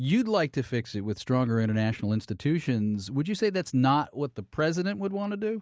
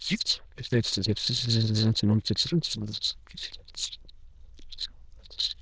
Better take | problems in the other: first | noise reduction (neural diffusion model UNIVERSE++)

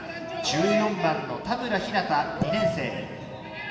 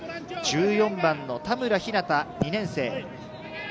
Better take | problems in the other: second | background sound (Brass instrument); 6 dB below the speech // room echo; dies away in 1.6 s

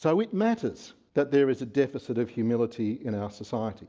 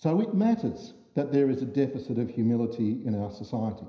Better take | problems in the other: first | room echo; dies away in 0.9 s

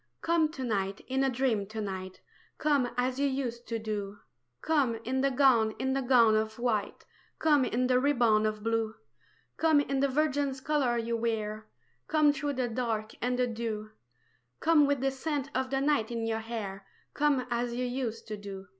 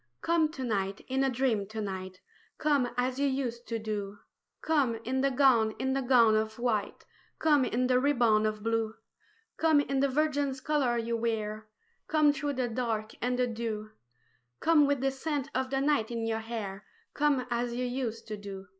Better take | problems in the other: first | noise reduction (neural mask model Resemble Enhance denoiser)

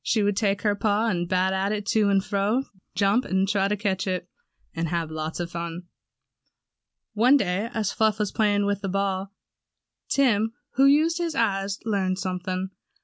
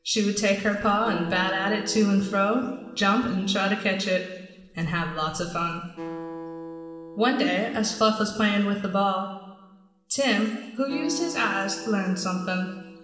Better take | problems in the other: first | background sound (Acoustic guitar); 15 dB below the speech // room echo; dies away in 1.2 s

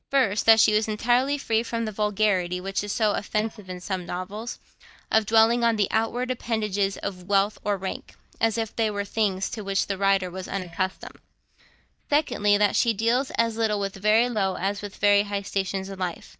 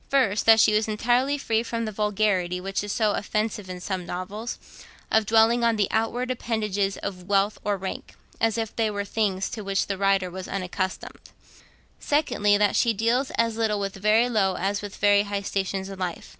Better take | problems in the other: second | noise reduction (neural mask model DeepFilterNet 3)

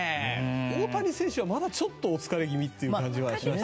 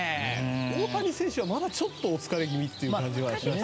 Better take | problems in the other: first | background sound (Rain); 15 dB below the speech

